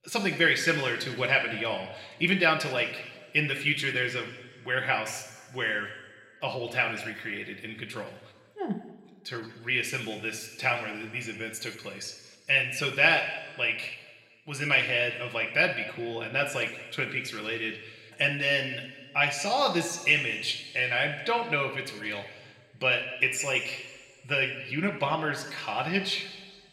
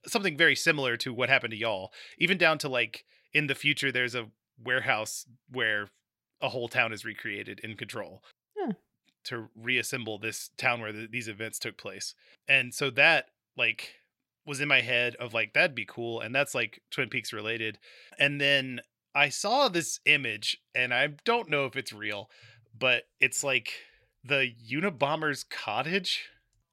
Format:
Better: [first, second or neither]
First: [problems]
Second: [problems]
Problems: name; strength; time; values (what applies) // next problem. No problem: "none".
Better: second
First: room echo; slight; dies away in 1.6 s // off-mic speech; somewhat distant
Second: none